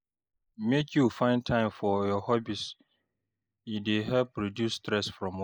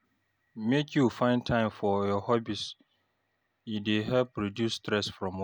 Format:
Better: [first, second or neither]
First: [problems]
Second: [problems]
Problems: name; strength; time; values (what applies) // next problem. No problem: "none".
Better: second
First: noise reduction (neural mask model Resemble Enhance denoiser)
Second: none